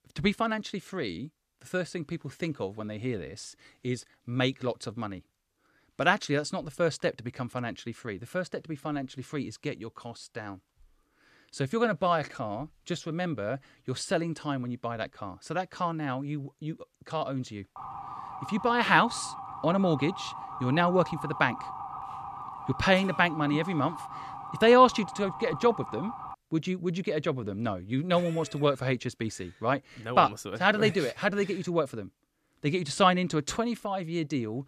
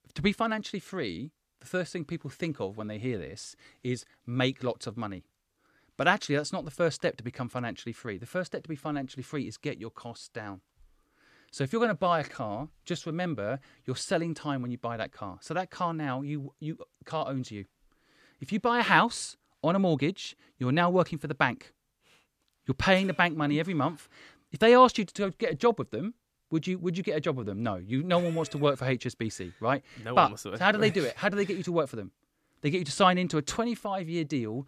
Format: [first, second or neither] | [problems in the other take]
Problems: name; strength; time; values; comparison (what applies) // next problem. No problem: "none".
second | siren; noticeable; from 18 to 26 s; peak 9 dB below the speech